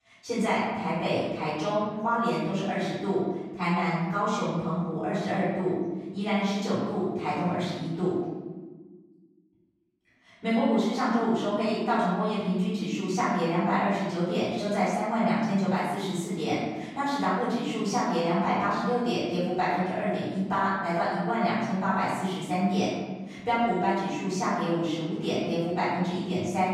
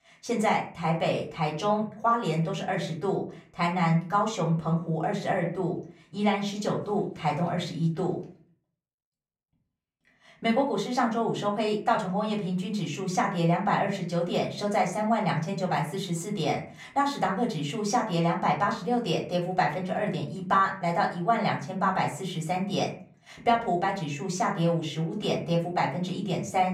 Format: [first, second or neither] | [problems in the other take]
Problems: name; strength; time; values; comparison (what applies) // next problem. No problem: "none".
second | room echo; strong; dies away in 1.3 s; slight in the second // off-mic speech; far; far in the second